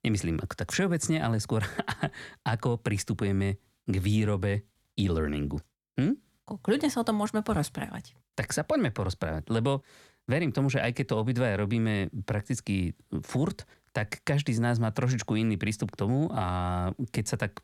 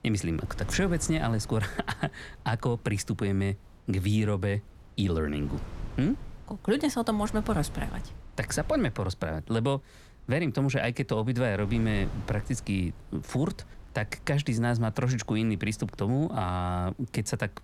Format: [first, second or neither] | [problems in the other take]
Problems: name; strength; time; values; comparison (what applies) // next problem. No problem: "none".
first | wind noise on the microphone; occasional gusts; 20 dB below the speech